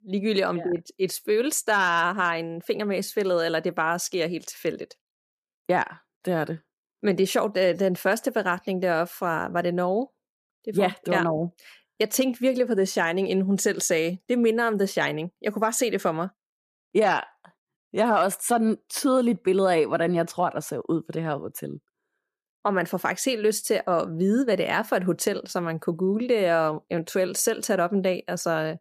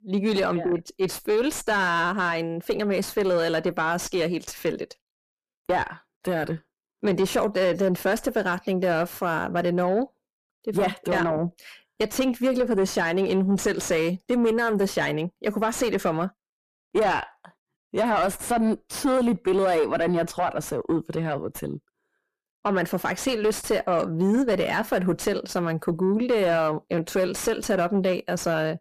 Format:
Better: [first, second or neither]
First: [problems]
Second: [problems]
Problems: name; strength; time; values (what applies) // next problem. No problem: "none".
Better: first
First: none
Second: distortion; slight; 9 dB below the speech